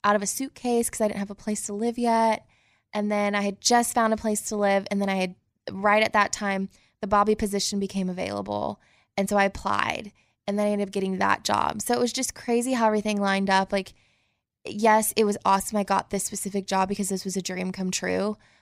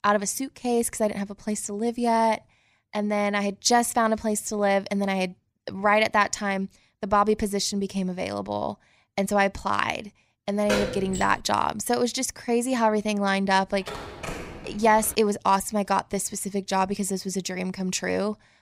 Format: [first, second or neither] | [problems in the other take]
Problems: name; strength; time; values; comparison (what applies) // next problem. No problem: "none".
first | door banging; noticeable; at 11 s; peak 2 dB below the speech // phone ringing; faint; from 14 to 15 s; peak 10 dB below the speech